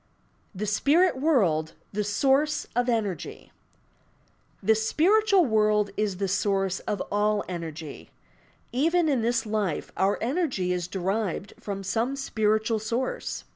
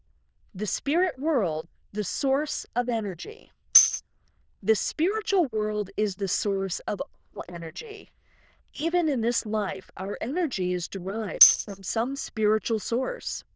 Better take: first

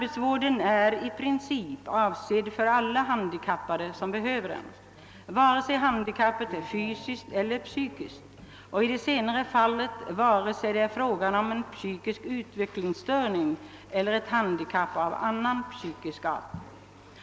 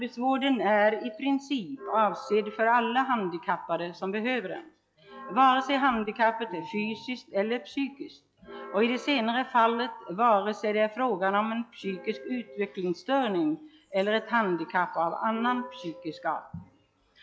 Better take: first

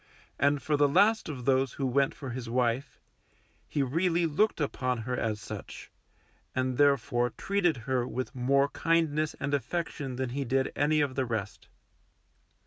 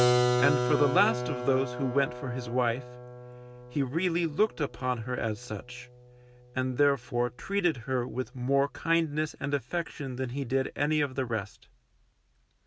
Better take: first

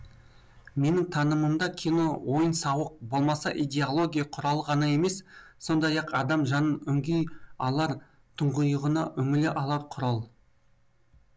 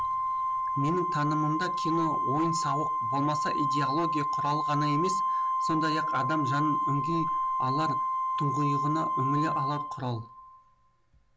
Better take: first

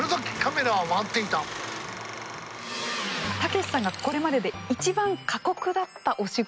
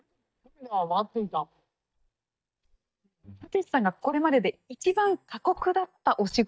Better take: first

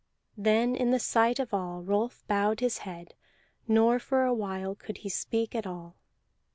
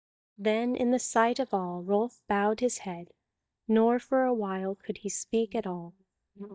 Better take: first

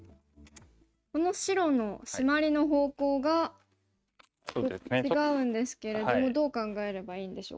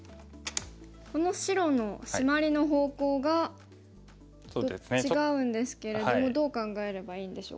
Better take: second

